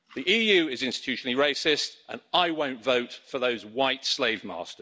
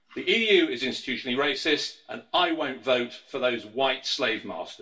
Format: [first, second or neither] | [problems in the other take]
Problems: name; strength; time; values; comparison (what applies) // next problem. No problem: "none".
first | room echo; dies away in 0.2 s